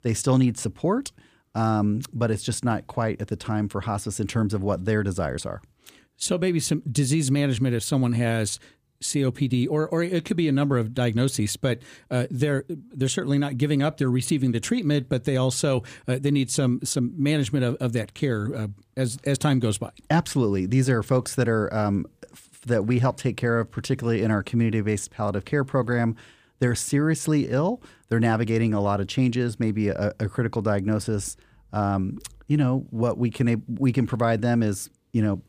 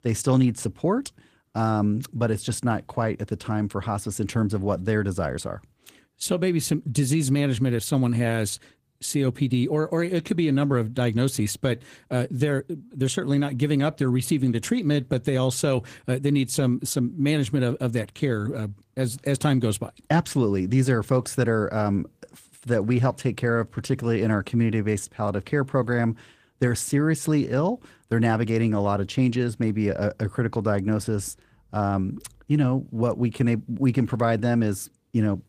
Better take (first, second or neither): first